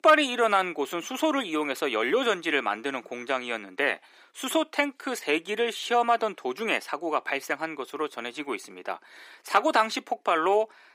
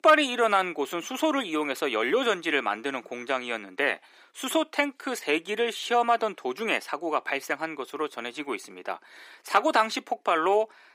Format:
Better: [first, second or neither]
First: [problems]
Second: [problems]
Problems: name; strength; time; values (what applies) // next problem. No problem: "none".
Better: neither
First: thin; somewhat; fading below 350 Hz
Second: thin; somewhat; fading below 350 Hz